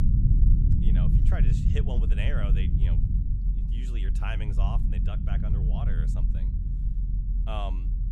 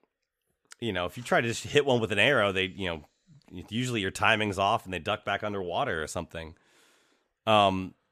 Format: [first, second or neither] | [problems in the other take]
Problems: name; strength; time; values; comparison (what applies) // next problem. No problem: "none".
second | low rumble; loud; throughout; 2 dB below the speech